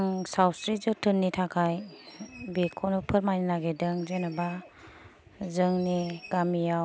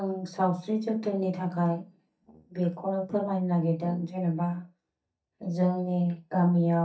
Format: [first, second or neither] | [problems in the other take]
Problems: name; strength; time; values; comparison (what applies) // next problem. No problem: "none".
first | noise reduction (neural mask model DeepFilterNet 3)